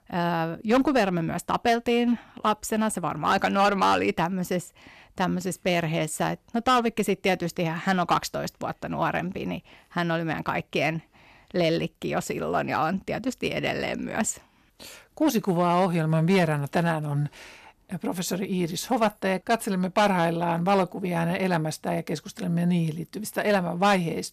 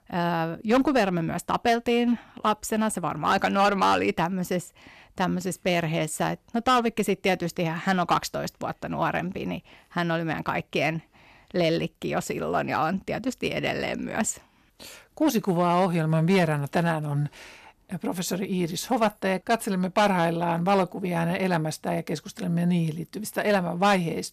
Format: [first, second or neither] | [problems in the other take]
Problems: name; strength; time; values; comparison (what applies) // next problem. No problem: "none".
neither | distortion; slight; 3% of the sound clipped; the same in both